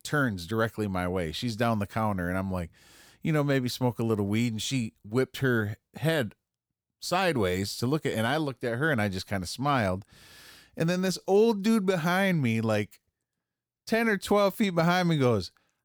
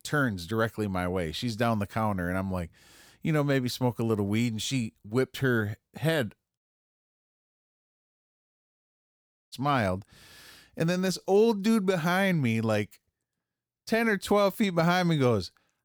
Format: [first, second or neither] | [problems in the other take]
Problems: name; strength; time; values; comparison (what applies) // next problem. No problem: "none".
first | audio cutting out; at 6.5 s for 3 s